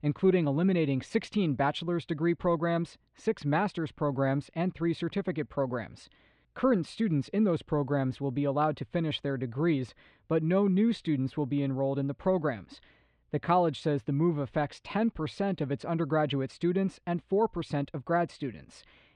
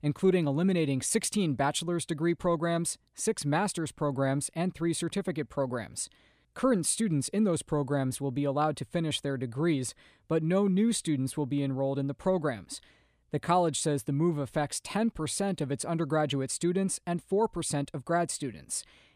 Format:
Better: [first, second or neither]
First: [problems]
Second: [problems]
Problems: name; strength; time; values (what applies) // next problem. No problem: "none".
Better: second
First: muffled; slightly; fading above 3.5 kHz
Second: none